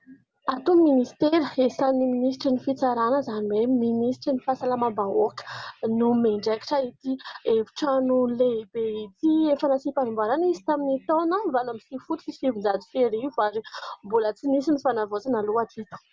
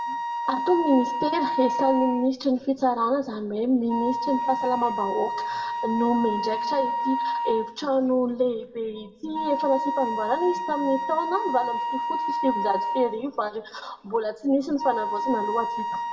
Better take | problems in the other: first | background sound (Wind instrument, woodwind instrument); 4 dB below the speech // room echo; dies away in 0.8 s

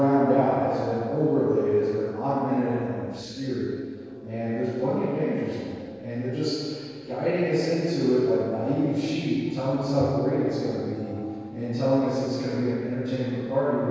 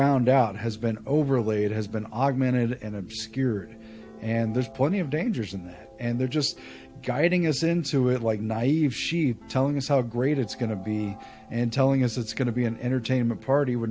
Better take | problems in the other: second | noise reduction (neural separator model SepFormer DNS4)

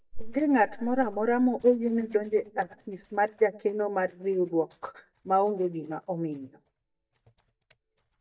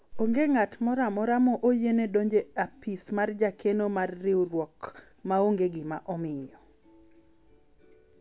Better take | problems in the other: second | noise reduction (neural mask model DeepFilterNet 3)

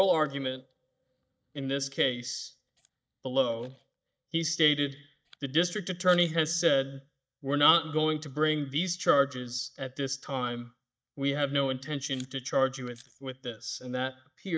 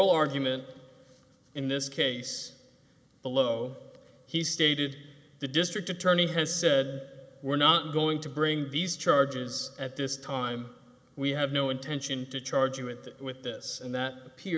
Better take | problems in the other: second | noise reduction (neural mask model DeepFilterNet 3)

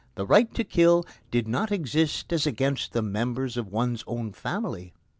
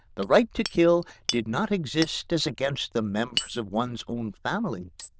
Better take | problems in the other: first | noise reduction (neural diffusion model UNIVERSE++)

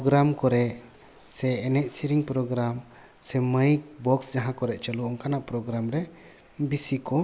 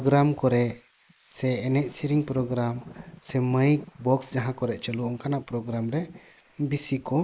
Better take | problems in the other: first | noise reduction (neural mask model Resemble Enhance denoiser)

